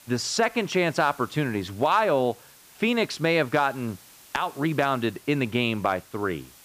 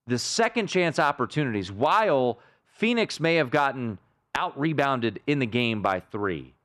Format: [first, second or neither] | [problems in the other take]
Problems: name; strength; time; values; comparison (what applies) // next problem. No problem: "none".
second | hiss; faint; throughout; 25 dB below the speech